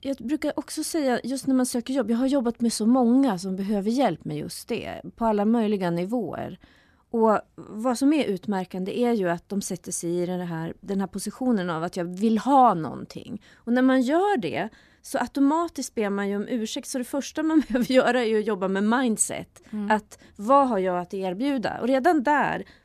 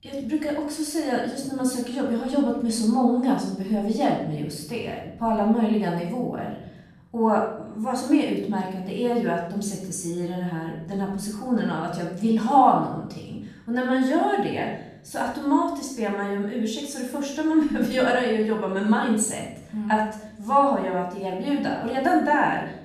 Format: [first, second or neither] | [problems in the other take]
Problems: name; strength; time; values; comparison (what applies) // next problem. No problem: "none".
first | off-mic speech; far // room echo; noticeable; dies away in 0.7 s